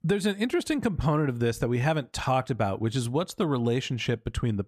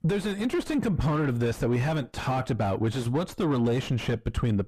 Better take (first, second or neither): first